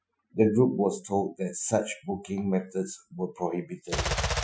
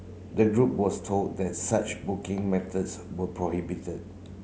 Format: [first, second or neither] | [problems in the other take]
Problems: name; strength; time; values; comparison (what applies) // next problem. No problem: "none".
second | noise reduction (classical method Wiener filter)